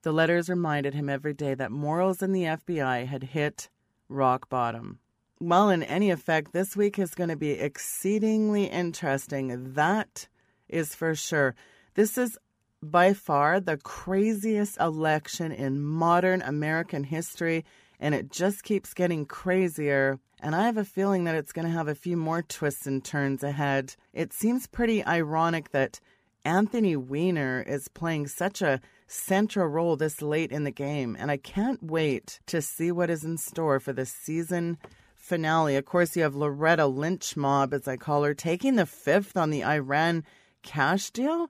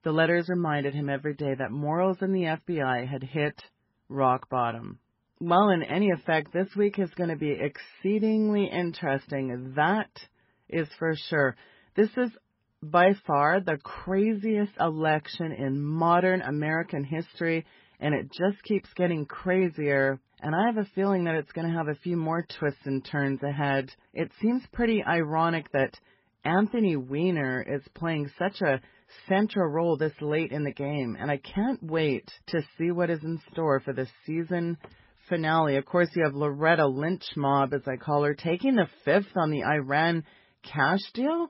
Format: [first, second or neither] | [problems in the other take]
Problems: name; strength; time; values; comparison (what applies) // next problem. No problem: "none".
first | garbled, watery; badly; nothing above 5.5 kHz